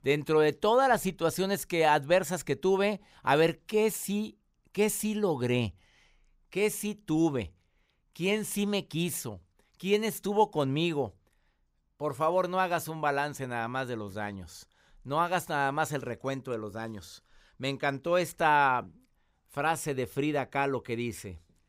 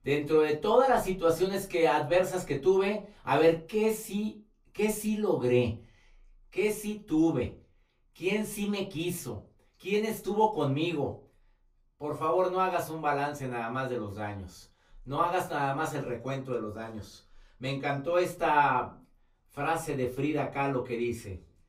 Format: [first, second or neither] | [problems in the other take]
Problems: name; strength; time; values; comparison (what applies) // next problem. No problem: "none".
first | off-mic speech; far // room echo; very slight; dies away in 0.2 s